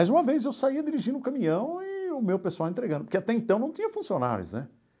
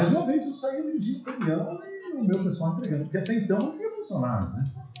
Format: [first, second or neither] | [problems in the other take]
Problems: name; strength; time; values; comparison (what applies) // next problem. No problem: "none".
first | noise reduction (classical method WPE with log-MMSE)